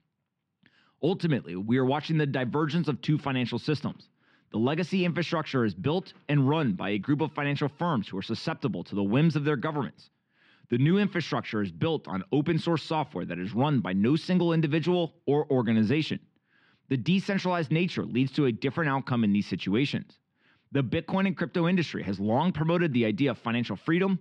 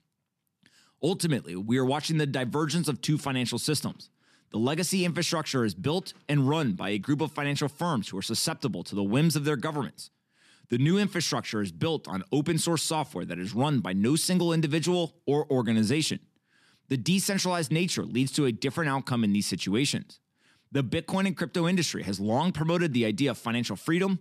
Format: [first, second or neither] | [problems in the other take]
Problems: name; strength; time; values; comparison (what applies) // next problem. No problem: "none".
second | muffled; slightly; fading above 3 kHz